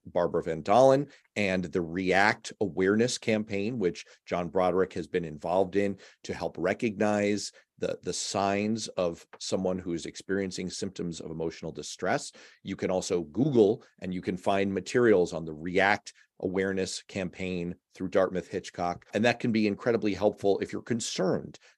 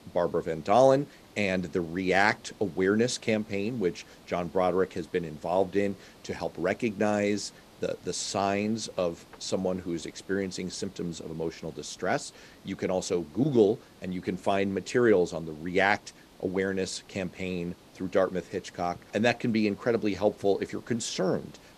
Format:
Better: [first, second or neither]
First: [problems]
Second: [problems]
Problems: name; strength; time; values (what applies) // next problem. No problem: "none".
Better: first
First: none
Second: hiss; faint; throughout; 25 dB below the speech